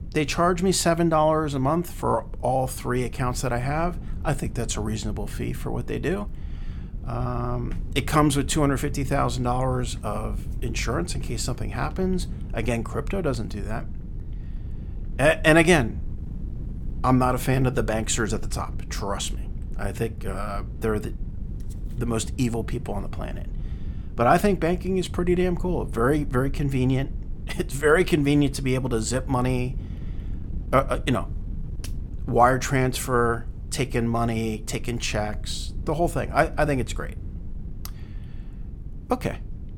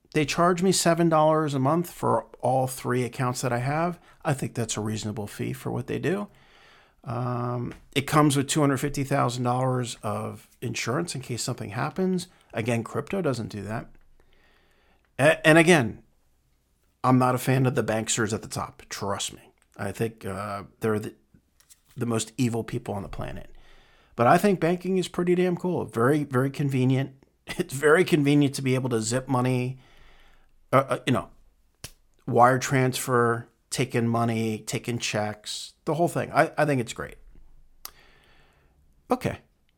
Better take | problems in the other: second | wind noise on the microphone; occasional gusts; 25 dB below the speech

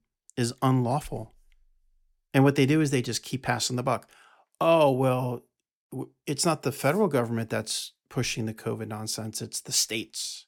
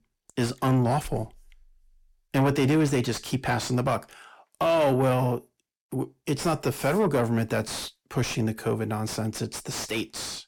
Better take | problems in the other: first | distortion; heavy; 7 dB below the speech

